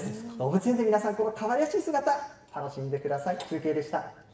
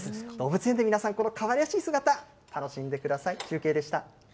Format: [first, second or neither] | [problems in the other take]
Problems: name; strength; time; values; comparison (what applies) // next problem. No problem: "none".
second | room echo; dies away in 0.8 s